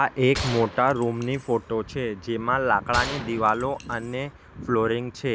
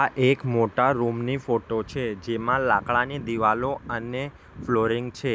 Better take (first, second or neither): second